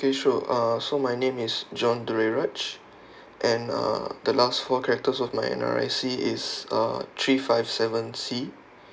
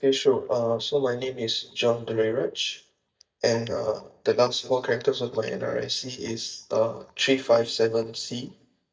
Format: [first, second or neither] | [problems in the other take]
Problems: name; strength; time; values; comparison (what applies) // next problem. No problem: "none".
first | noise reduction (neural mask model DeepFilterNet 3)